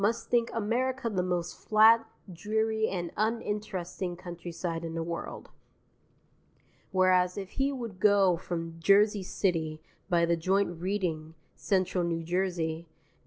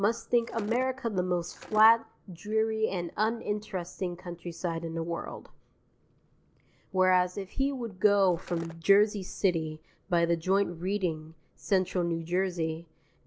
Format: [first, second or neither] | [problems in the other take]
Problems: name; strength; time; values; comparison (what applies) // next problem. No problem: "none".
first | background sound (Skateboard); 16 dB below the speech